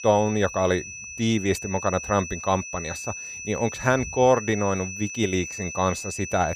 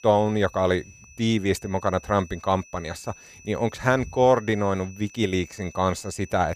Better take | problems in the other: second | high-pitched whine; loud; throughout; 2.5 kHz, 9 dB below the speech; faint in the second

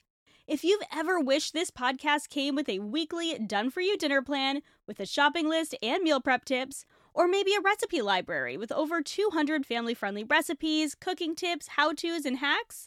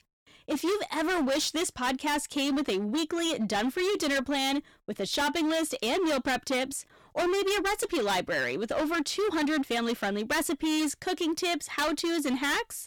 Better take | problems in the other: first | distortion; heavy; 25% of the sound clipped

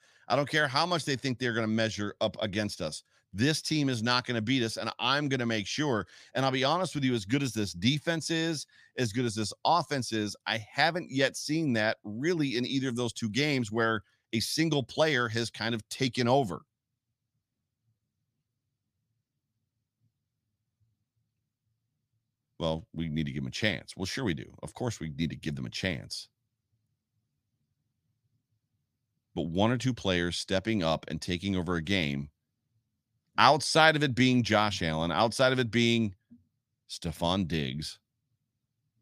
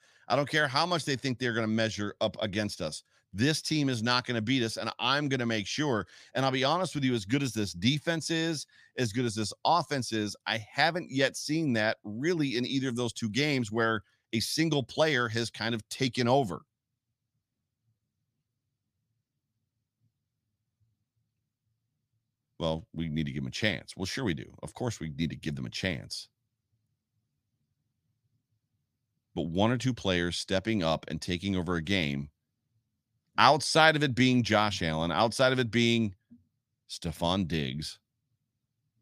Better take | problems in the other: neither | none

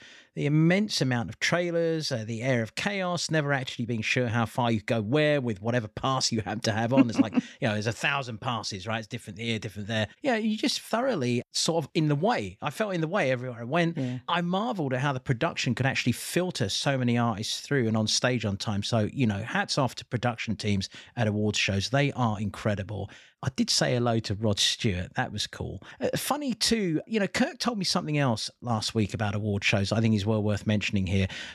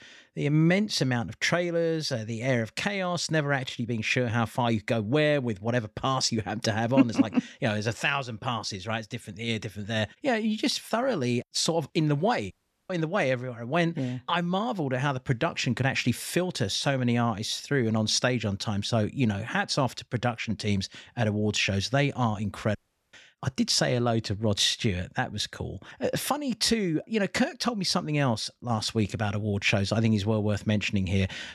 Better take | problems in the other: first | audio cutting out; at 13 s and at 23 s

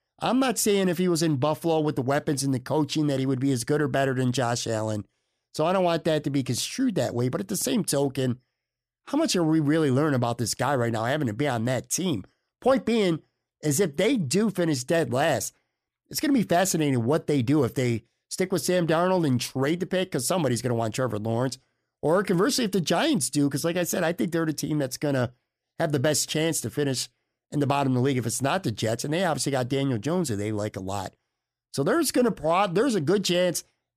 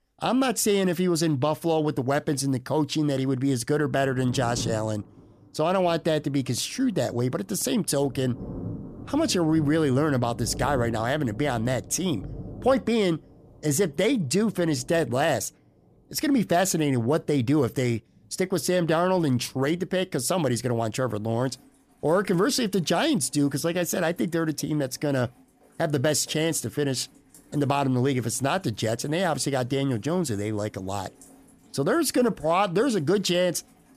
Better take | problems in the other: first | rain or running water; noticeable; throughout; 20 dB below the speech

